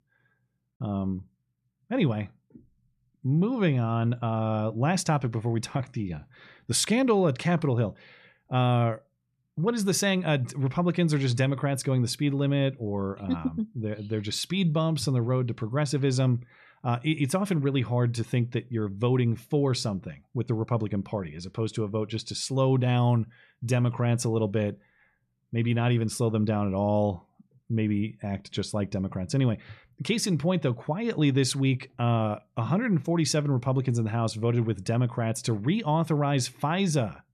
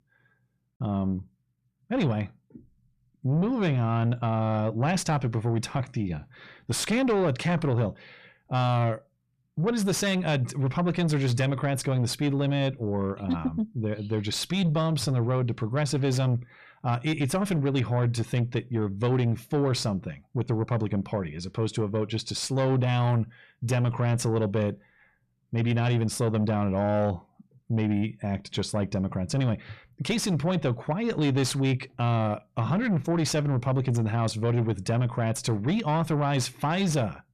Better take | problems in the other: first | distortion; slight; 10 dB below the speech

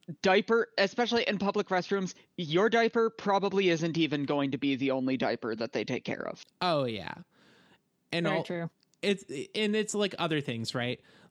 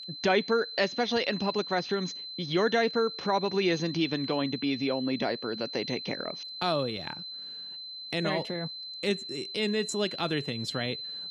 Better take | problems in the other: first | high-pitched whine; loud; throughout; 4 kHz, 8 dB below the speech

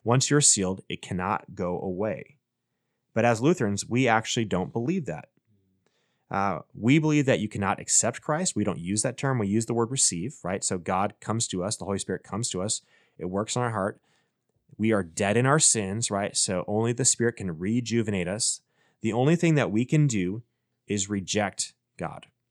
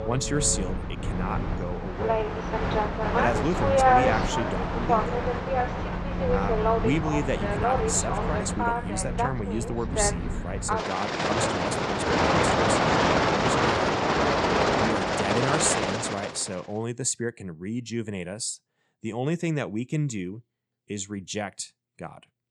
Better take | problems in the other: first | train or aircraft noise; very loud; until 16 s; 5 dB above the speech

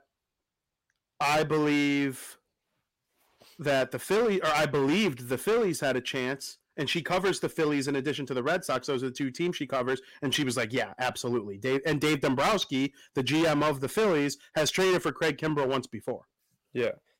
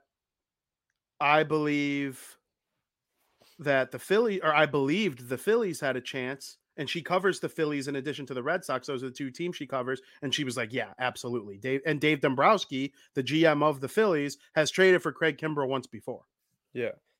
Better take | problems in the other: second | distortion; heavy; 12% of the sound clipped

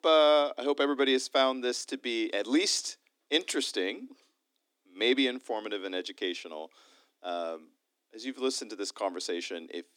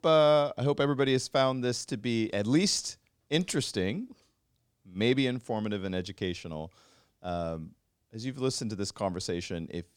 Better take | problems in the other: second | thin; very slightly; fading below 250 Hz

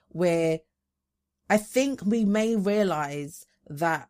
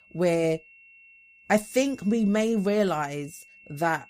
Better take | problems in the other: first | high-pitched whine; faint; throughout; 2.5 kHz, 25 dB below the speech

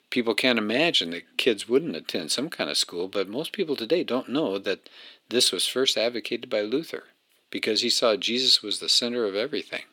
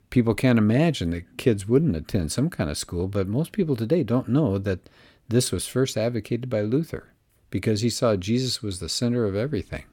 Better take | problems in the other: second | thin; somewhat; fading below 300 Hz

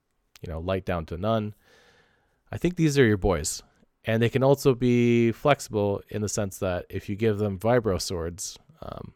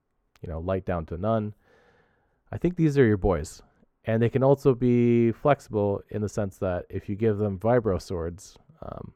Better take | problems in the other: first | muffled; slightly; fading above 2 kHz

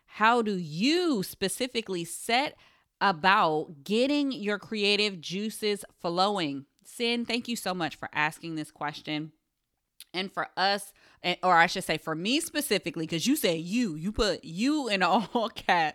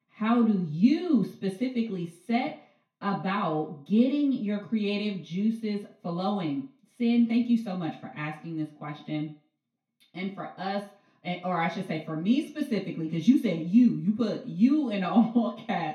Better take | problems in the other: first | room echo; slight; dies away in 0.4 s // off-mic speech; far

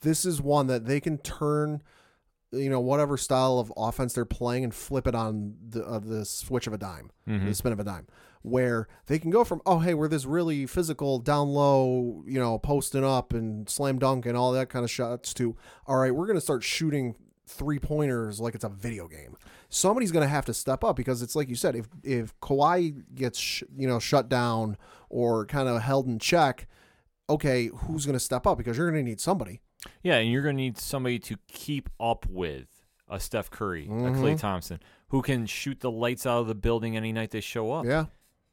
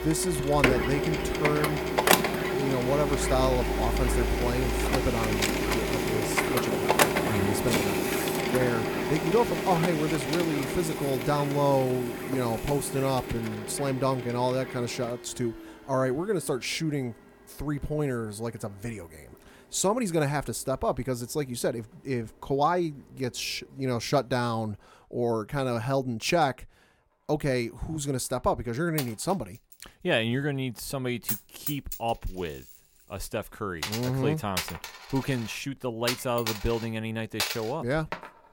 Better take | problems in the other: first | household noises; very loud; throughout; as loud as the speech

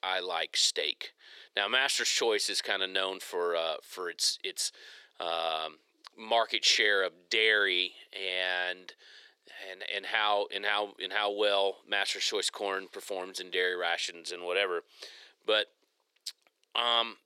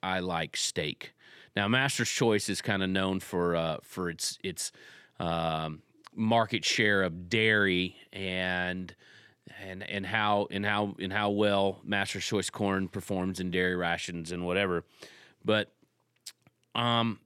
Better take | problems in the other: second | thin; very; fading below 450 Hz

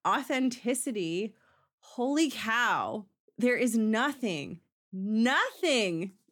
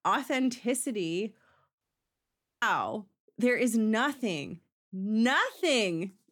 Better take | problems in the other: first | audio cutting out; at 2 s for 1 s

